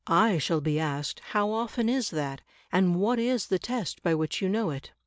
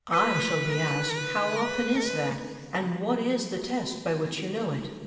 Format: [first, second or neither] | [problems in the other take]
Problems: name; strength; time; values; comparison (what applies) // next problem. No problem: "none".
first | background sound (Electric guitar); 4 dB below the speech // room echo; dies away in 2.6 s